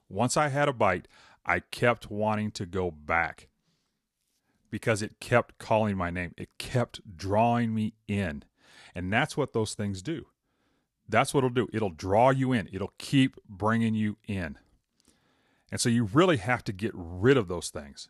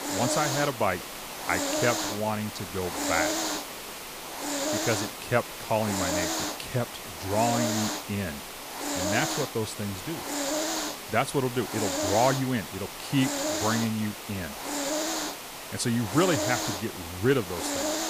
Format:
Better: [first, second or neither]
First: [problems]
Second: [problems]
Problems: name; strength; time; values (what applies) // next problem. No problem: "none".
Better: first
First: none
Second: hiss; loud; throughout; 1 dB below the speech